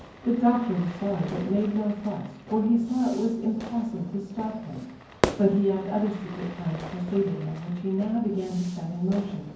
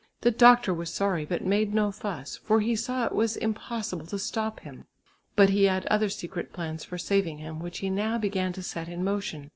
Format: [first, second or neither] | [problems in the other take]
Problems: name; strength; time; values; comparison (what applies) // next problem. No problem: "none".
second | background sound (Fire / Fireworks); 11 dB below the speech // room echo; dies away in 0.9 s